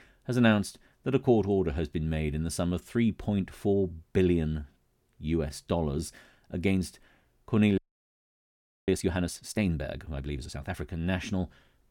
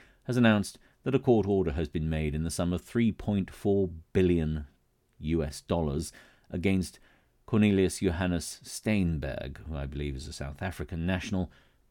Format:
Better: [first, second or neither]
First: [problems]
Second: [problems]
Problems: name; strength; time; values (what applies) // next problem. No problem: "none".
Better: second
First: audio freezing; at 8 s for 1 s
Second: none